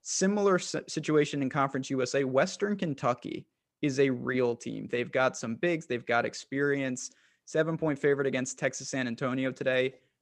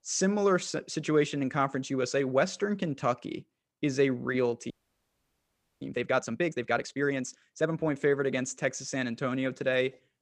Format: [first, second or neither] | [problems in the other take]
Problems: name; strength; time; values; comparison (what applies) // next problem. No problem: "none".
first | audio freezing; at 4.5 s for 1 s